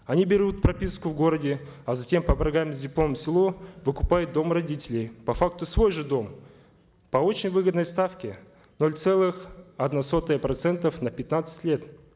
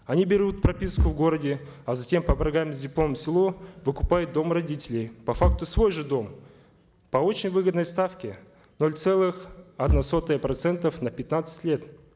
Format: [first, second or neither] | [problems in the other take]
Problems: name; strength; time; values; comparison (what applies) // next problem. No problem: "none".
first | background sound (Bass drum / Thump, thud); 8 dB below the speech